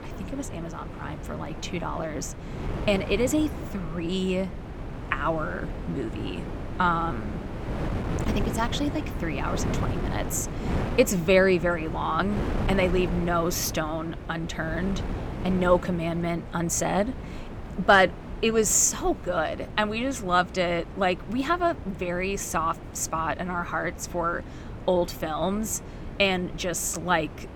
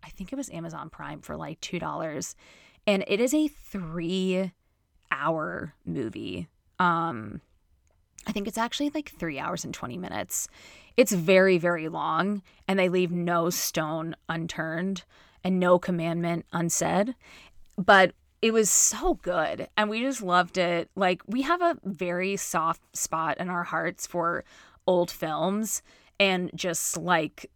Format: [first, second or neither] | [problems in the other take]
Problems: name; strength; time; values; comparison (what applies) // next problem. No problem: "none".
second | wind noise on the microphone; occasional gusts; 15 dB below the speech